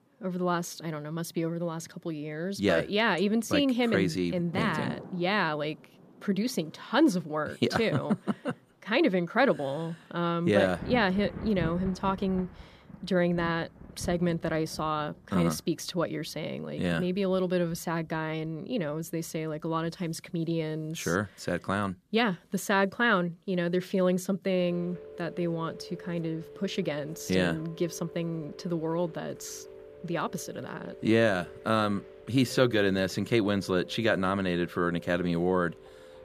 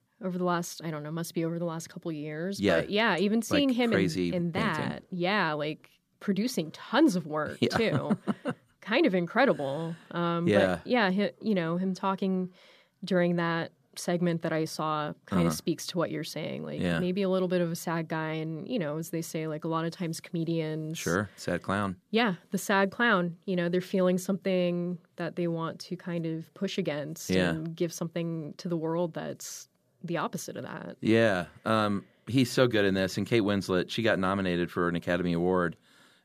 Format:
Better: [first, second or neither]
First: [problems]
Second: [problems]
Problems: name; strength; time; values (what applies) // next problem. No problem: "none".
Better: second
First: rain or running water; noticeable; throughout; 15 dB below the speech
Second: none